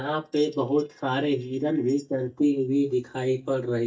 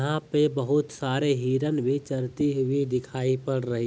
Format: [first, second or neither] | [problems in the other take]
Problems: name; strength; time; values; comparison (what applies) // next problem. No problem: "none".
second | noise reduction (neural mask model DeepFilterNet 3)